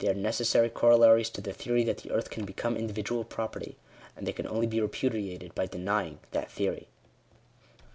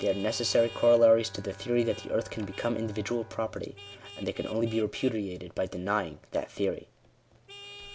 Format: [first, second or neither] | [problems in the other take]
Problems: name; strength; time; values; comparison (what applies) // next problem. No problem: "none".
first | background sound (Bowed string instrument + Vehicle horn, car horn, honking); 18 dB below the speech